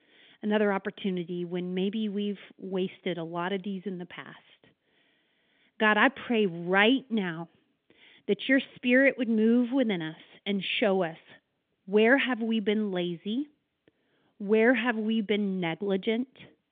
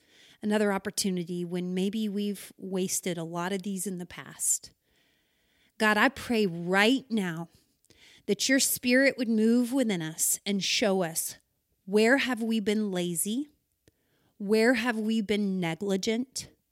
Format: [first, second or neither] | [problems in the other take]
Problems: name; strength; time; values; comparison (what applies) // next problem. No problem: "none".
second | phone-call audio; nothing above 3.5 kHz